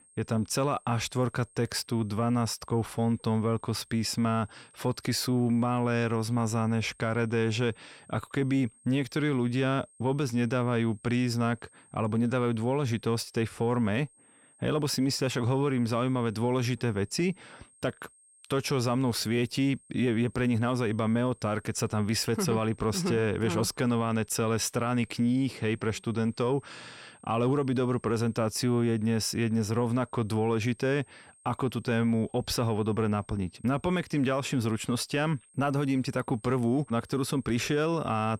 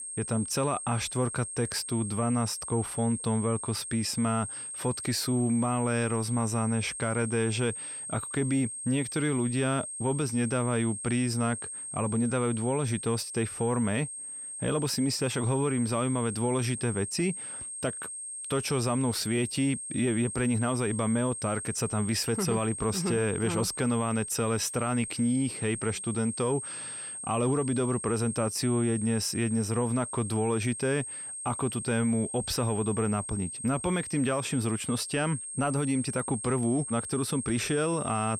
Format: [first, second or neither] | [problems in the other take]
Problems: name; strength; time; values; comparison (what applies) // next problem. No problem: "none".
first | high-pitched whine; loud; throughout; 8.5 kHz, 6 dB below the speech; faint in the first